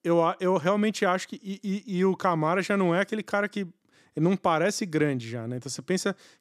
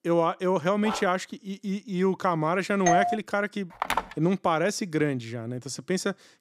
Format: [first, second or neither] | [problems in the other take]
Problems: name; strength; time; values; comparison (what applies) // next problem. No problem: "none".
first | dog barking; noticeable; at 1 s; peak 8 dB below the speech // doorbell; loud; at 3 s; peak 3 dB above the speech // phone ringing; noticeable; at 4 s; peak 2 dB below the speech